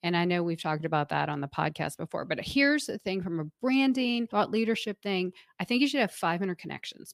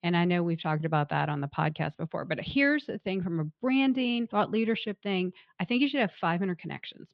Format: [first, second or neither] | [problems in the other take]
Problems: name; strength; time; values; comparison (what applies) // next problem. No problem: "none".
first | muffled; slightly; fading above 3.5 kHz